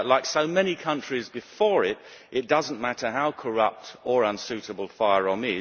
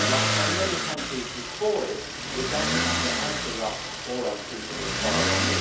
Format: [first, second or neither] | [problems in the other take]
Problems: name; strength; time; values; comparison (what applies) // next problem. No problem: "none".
first | background sound (Motor vehicle (road)); 4 dB above the speech // room echo; dies away in 0.5 s